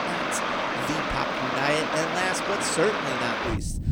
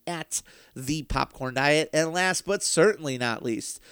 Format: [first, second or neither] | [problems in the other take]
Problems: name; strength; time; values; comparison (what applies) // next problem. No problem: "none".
second | rain or running water; very loud; throughout; 2 dB above the speech